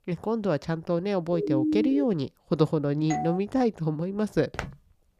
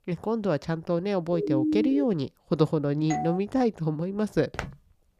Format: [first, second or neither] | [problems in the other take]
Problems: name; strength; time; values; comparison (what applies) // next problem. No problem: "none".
neither | siren; loud; at 1.5 s; peak 2 dB above the speech; the same in both // doorbell; noticeable; at 3 s; peak 6 dB below the speech; the same in both // footsteps; faint; at 4.5 s; peak 10 dB below the speech; the same in both